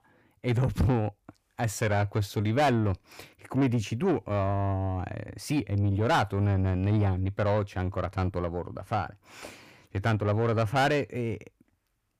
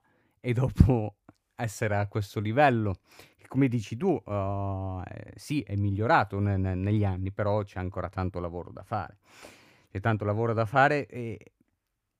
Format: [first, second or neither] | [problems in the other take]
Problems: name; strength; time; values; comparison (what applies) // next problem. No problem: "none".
second | distortion; heavy; 7 dB below the speech